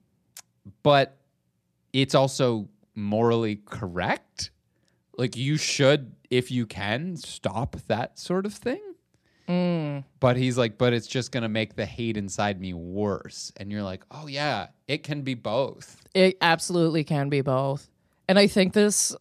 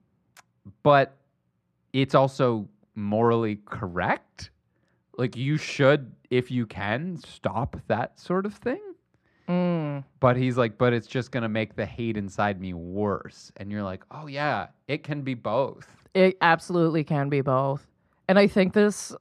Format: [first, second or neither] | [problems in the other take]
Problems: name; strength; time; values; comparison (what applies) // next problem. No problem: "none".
first | muffled; slightly; fading above 3.5 kHz